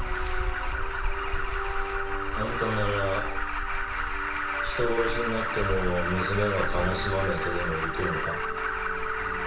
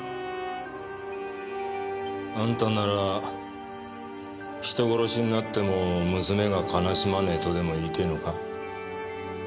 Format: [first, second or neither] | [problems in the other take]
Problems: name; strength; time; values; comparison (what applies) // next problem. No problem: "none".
second | background sound (Alarm); 2 dB above the speech // room echo; dies away in 0.2 s